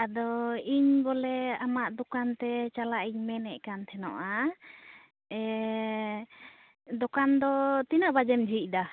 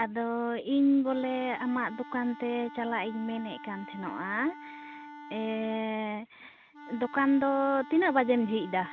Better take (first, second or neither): first